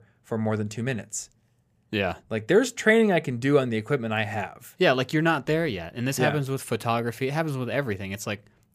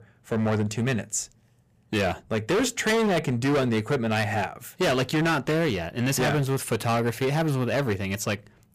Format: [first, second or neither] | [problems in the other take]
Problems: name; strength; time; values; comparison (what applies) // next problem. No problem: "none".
first | distortion; heavy; 17% of the sound clipped